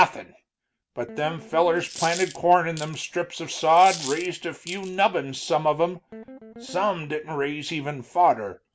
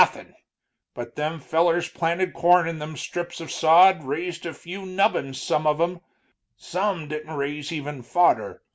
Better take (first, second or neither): second